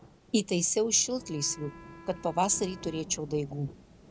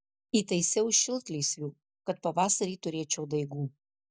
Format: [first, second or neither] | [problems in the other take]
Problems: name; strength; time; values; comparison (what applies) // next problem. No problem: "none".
second | background sound (Wind instrument, woodwind instrument + Rain / Thunderstorm); 17 dB below the speech